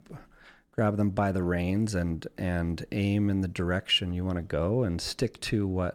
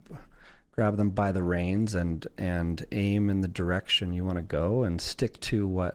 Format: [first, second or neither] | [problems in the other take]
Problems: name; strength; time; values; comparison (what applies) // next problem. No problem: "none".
first | garbled, watery; slightly; nothing above 19 kHz